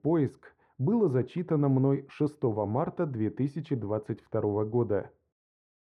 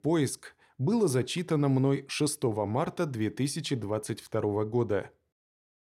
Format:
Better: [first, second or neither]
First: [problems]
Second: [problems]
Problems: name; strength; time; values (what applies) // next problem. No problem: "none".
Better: second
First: muffled; very; fading above 3 kHz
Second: none